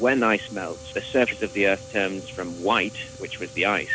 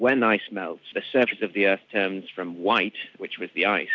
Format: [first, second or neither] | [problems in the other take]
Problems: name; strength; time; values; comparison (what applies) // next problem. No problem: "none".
second | background sound (Wind instrument, woodwind instrument + Fire); 16 dB below the speech